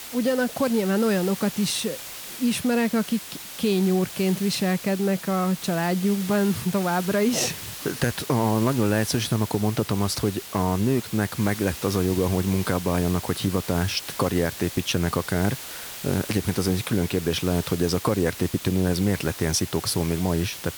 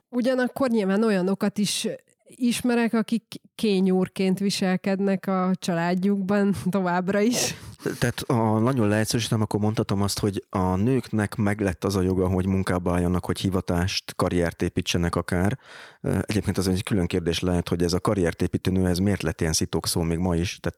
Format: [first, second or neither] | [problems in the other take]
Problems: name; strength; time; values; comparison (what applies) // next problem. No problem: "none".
second | hiss; noticeable; throughout; 10 dB below the speech